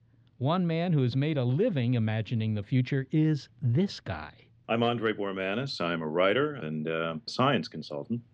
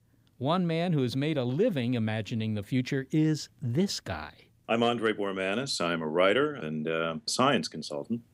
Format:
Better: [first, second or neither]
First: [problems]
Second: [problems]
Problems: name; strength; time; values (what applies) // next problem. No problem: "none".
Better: second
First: muffled; very slightly; fading above 4 kHz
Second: none